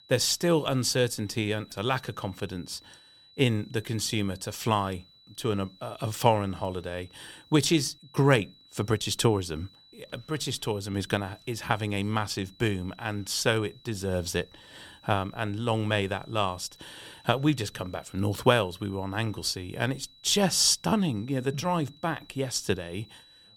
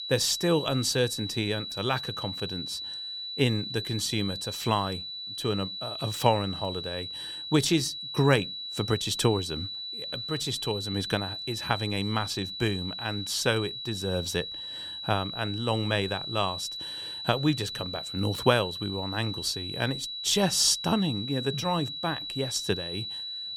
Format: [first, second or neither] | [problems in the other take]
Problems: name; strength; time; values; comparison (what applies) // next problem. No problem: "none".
first | high-pitched whine; loud; throughout; 4 kHz, 5 dB below the speech; faint in the first